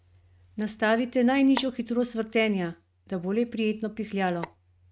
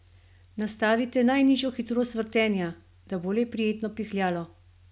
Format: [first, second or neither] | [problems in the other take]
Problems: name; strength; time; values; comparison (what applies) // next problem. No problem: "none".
second | noise reduction (neural mask model RNNoise)